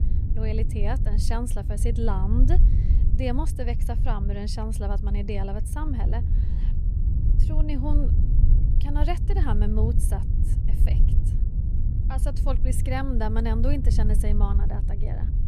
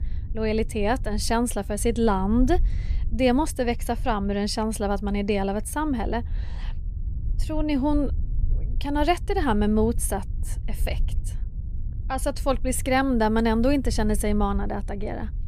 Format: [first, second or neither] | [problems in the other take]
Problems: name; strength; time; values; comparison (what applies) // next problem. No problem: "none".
second | low rumble; loud; throughout; 7 dB below the speech; faint in the second